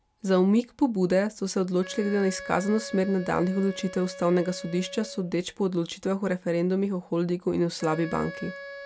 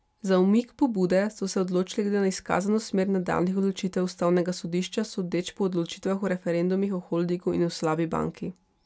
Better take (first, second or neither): second